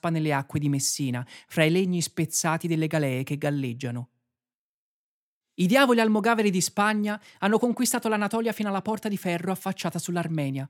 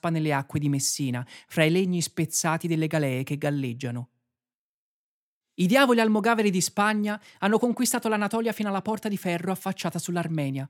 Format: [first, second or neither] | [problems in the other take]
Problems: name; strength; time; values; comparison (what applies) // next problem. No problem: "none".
neither | none